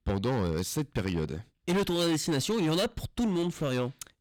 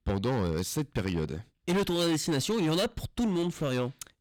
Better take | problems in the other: neither | distortion; heavy; 15% of the sound clipped; the same in both

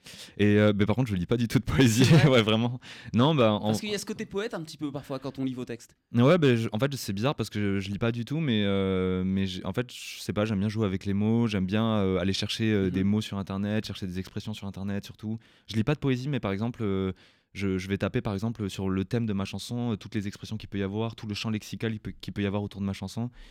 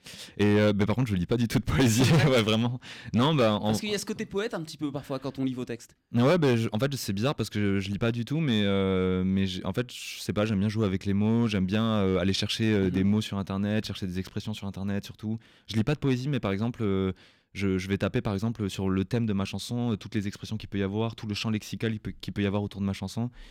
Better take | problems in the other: first | distortion; slight; 4% of the sound clipped

